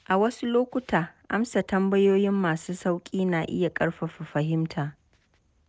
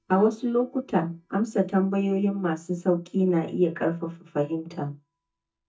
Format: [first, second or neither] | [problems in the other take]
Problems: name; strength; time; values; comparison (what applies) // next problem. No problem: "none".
first | noise reduction (neural mask model DeepFilterNet 3)